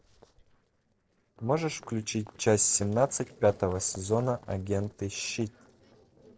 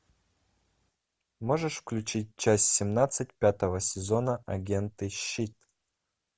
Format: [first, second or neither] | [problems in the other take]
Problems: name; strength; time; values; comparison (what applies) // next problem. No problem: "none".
second | noise reduction (neural separator model SepFormer DNS4)